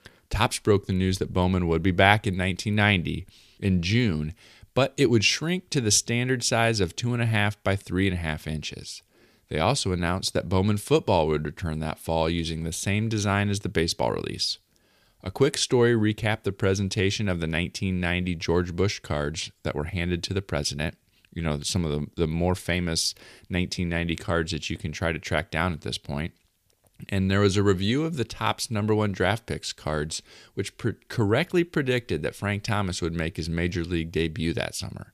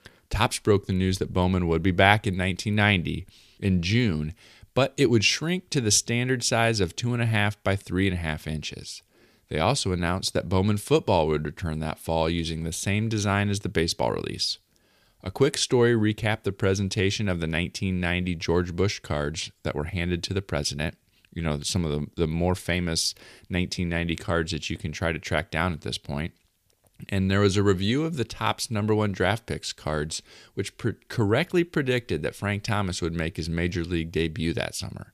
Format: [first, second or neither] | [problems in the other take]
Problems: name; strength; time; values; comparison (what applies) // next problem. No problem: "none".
neither | none